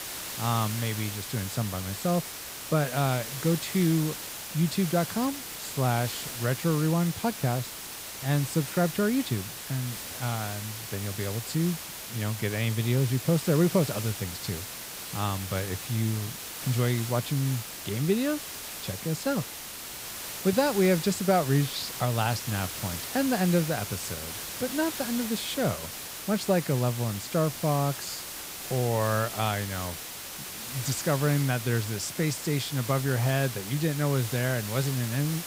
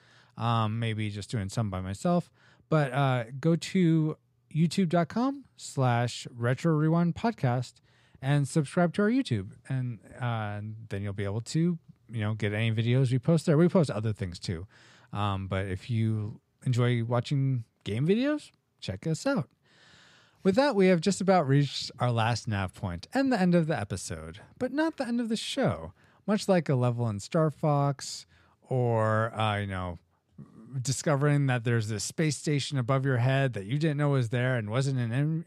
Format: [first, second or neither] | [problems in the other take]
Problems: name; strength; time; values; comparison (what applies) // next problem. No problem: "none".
second | hiss; loud; throughout; 7 dB below the speech